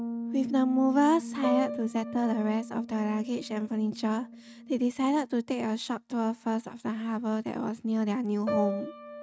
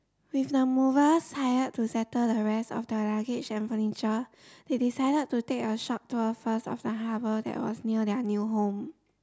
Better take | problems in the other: second | noise reduction (neural mask model RNNoise)

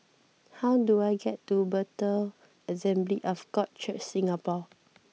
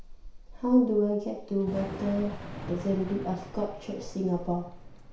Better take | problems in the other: first | background sound (Thunder / Rain); 12 dB below the speech // room echo; dies away in 0.6 s

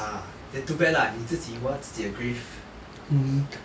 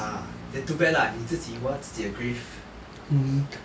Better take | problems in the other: first | background sound (Bass guitar); 17 dB below the speech

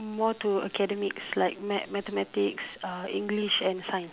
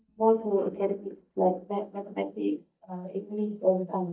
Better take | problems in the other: first | noise reduction (neural mask model DeepFilterNet 3)

